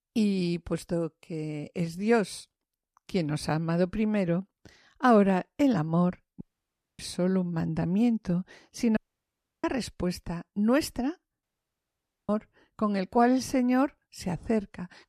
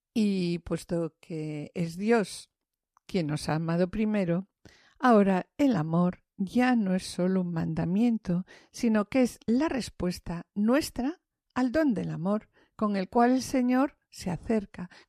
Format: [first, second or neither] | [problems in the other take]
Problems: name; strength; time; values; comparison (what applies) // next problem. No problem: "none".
second | audio cutting out; at 6.5 s for 0.5 s, at 9 s for 0.5 s and at 11 s for 1 s